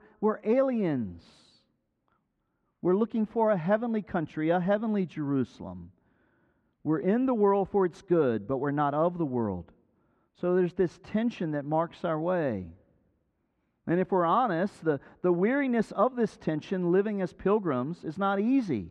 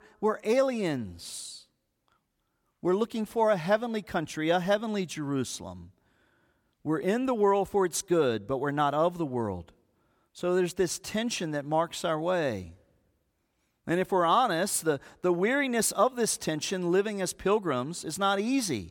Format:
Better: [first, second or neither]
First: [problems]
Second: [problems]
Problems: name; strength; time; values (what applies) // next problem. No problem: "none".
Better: second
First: muffled; very; fading above 2 kHz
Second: none